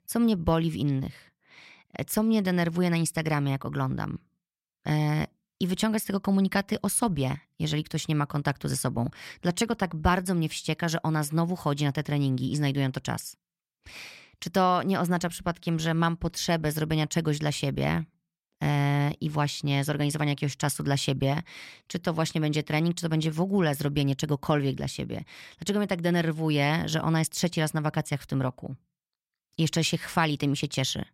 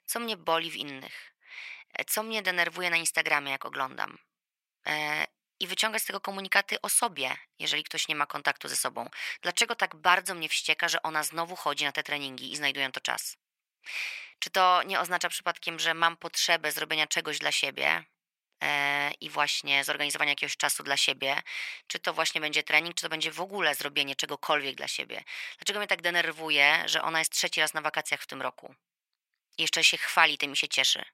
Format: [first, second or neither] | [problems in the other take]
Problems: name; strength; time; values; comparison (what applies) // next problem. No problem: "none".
first | thin; very; fading below 700 Hz